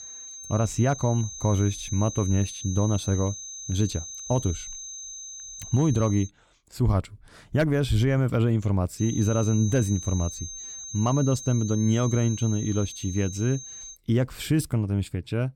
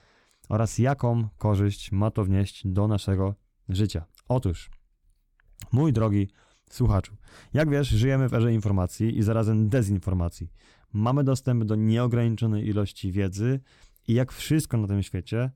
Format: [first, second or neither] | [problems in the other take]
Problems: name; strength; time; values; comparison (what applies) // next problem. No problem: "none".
second | high-pitched whine; noticeable; until 6.5 s and from 9 to 14 s; 6.5 kHz, 10 dB below the speech